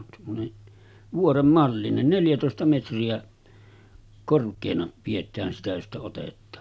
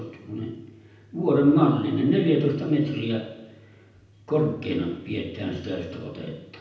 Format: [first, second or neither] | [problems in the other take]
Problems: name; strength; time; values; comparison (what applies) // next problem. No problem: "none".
first | room echo; dies away in 0.8 s